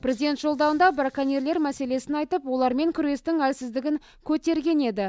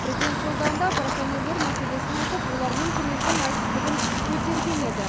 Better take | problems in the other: first | background sound (Walk, footsteps); 4 dB above the speech

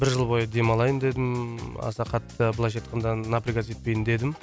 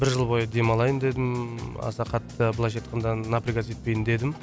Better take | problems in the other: first | background sound (Engine / Mechanisms); 19 dB below the speech

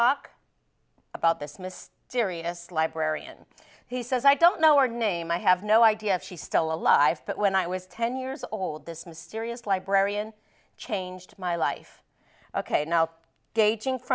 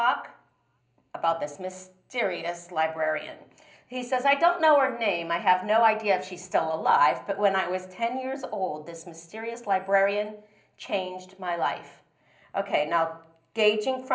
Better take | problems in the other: first | room echo; dies away in 0.5 s

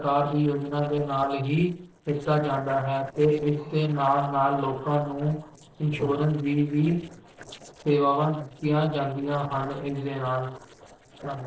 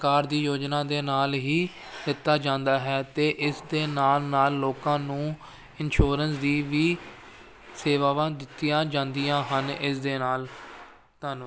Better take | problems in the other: second | noise reduction (neural separator model SepFormer DNS4)

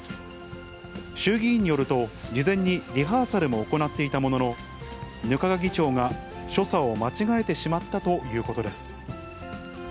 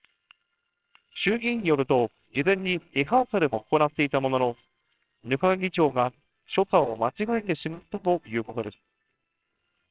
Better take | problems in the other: first | noise reduction (neural separator model SepFormer WHAMR!)

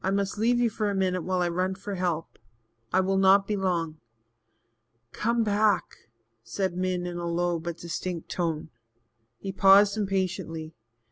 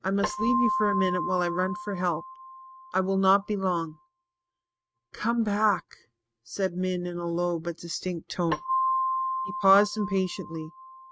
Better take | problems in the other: first | noise reduction (neural mask model RNNoise)

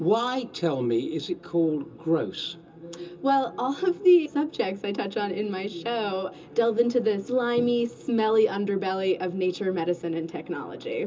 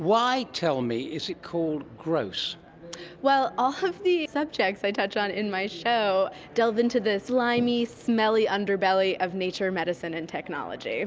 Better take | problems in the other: second | room echo; dies away in 0.2 s

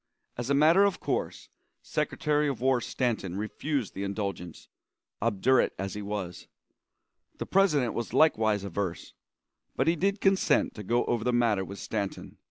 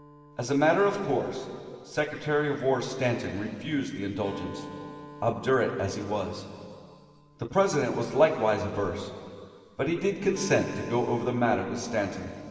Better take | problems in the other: first | background sound (Acoustic guitar); 19 dB below the speech // room echo; dies away in 2.5 s

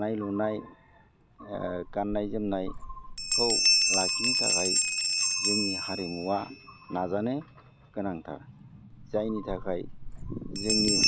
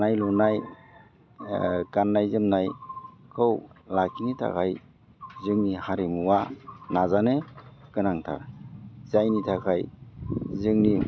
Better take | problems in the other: second | background sound (Bell); 3 dB above the speech

